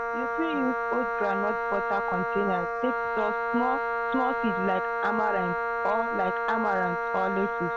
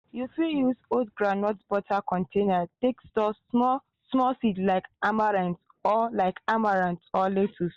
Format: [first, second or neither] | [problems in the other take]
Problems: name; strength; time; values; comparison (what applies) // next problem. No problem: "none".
second | background sound (Wind instrument, woodwind instrument); 1 dB above the speech